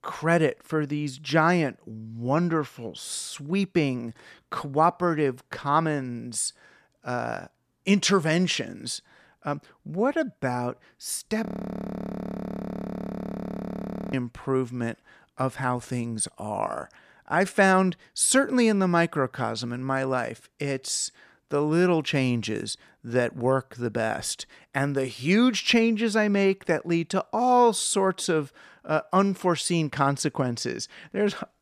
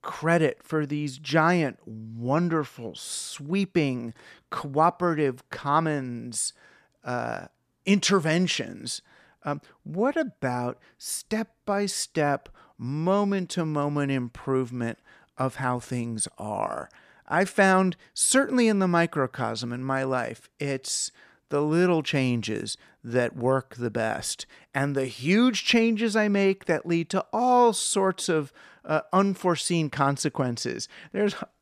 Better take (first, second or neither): second